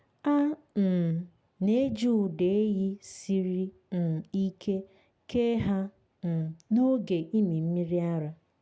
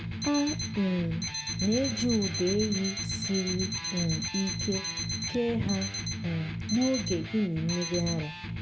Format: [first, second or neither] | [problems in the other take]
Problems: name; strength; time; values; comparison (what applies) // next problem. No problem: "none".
first | background sound (Electric guitar + Alarm); 3 dB below the speech